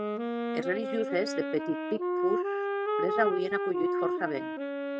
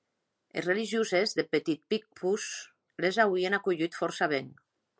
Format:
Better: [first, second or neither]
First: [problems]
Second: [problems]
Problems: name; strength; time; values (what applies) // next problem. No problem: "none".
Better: second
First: noise reduction (neural mask model RNNoise)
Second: none